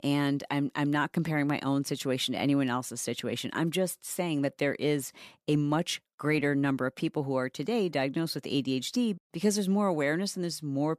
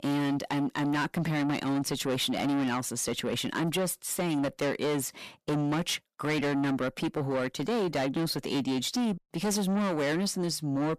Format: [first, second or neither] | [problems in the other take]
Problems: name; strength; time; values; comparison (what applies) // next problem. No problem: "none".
first | distortion; heavy; 7 dB below the speech